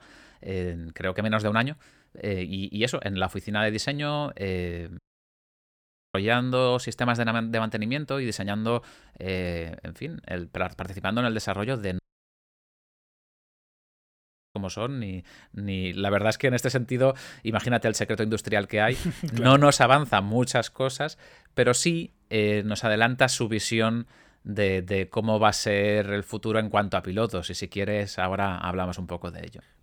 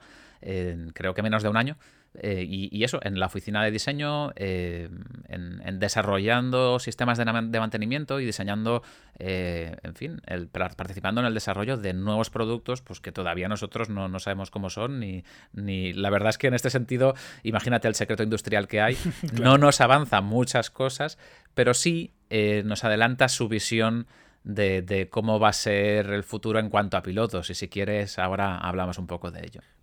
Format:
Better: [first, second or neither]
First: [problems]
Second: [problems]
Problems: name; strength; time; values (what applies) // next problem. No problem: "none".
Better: second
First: audio cutting out; at 5 s for 1 s and at 12 s for 2.5 s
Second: none